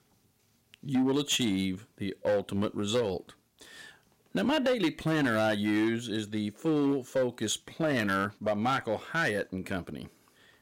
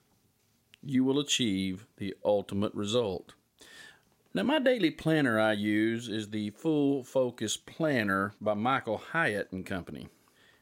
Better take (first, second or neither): second